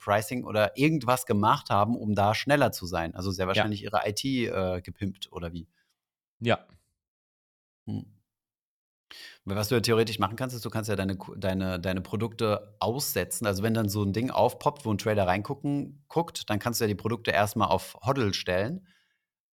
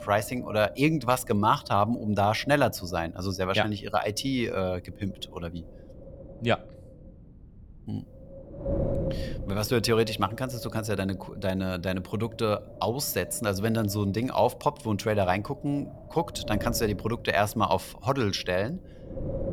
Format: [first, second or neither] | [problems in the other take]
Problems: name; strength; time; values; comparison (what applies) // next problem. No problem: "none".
first | wind noise on the microphone; occasional gusts; 15 dB below the speech